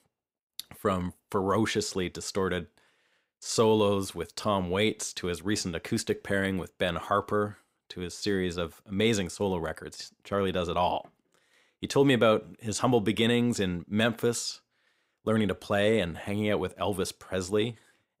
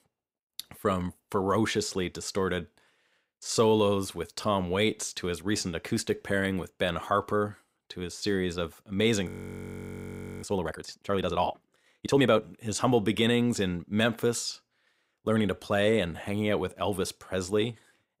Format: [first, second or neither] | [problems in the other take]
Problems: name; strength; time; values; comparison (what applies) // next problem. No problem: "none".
first | audio freezing; at 9.5 s for 1 s